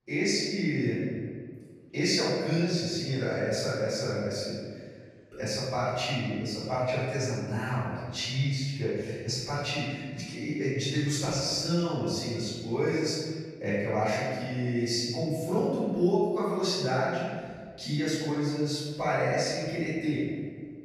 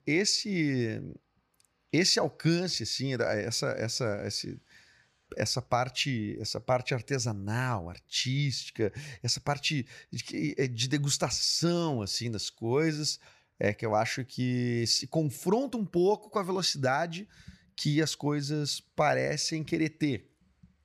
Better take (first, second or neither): second